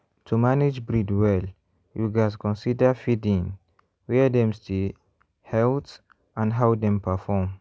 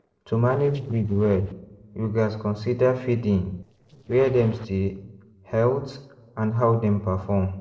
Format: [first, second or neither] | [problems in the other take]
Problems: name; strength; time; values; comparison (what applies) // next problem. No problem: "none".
first | noise reduction (neural separator model SepFormer DNS4)